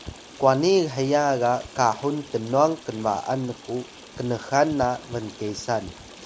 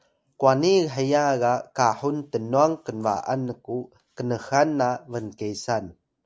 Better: second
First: background sound (Stream); 19 dB below the speech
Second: none

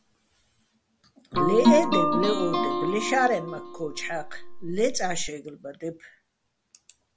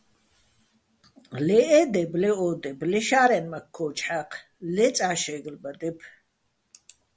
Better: second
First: background sound (Guitar); 2 dB above the speech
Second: none

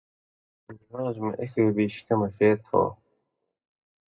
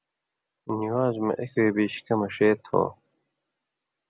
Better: second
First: noise reduction (neural mask model DeepFilterNet 3)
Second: none

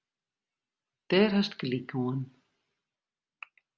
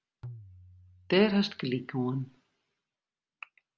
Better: first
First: none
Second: background sound (Tabla); 19 dB below the speech

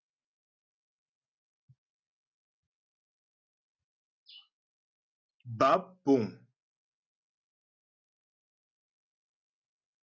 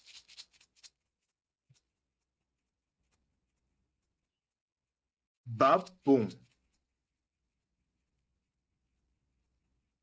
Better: first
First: none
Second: noise reduction (neural mask model RNNoise)

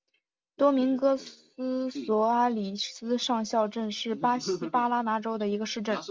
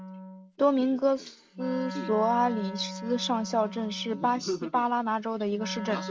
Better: first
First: none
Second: background sound (Wind instrument, woodwind instrument); 12 dB below the speech

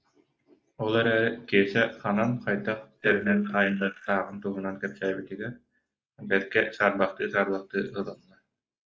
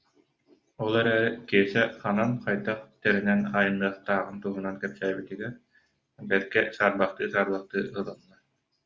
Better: second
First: noise reduction (neural mask model Resemble Enhance denoiser)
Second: none

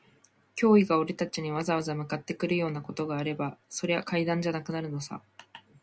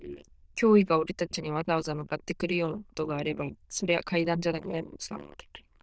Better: first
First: none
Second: noise reduction (neural diffusion model UNIVERSE++)

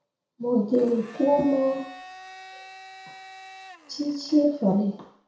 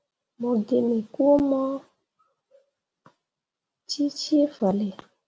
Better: second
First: background sound (Domestic sounds, home sounds); 20 dB below the speech // room echo; dies away in 0.6 s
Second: none

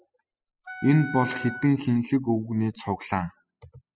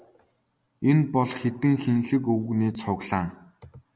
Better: second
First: noise reduction (classical method spectral subtraction)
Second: none

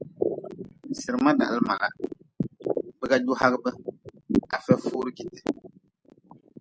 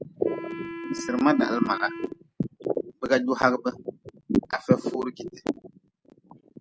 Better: first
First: none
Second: background sound (Wind instrument, woodwind instrument); 11 dB below the speech

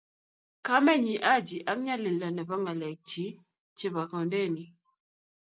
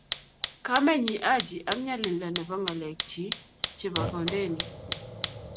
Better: first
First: none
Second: background sound (Fire); 6 dB below the speech

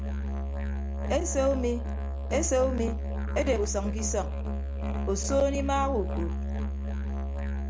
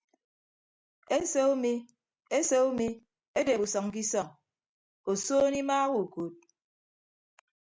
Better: second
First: background sound (Musical instrument); as loud as the speech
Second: none

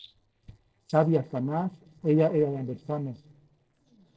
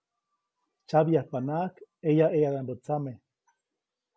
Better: second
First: noise reduction (neural separator model SepFormer DNS4)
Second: none

